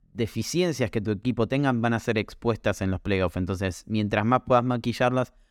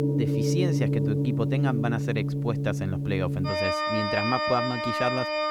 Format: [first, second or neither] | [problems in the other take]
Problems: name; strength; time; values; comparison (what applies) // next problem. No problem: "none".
first | background music; very loud; throughout; 3 dB above the speech